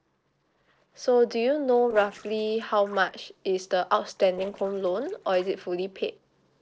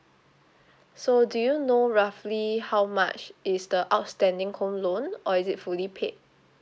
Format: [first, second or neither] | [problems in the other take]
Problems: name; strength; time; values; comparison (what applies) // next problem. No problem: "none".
second | noise reduction (neural separator model SepFormer DNS4)